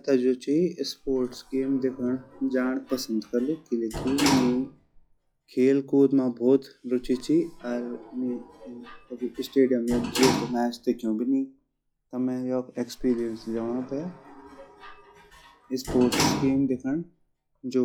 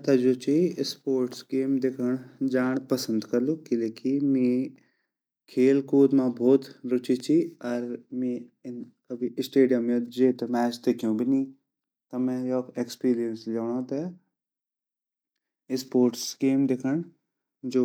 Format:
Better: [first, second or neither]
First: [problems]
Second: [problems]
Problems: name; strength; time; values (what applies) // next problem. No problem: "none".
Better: second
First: noise reduction (classical method log-MMSE)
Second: none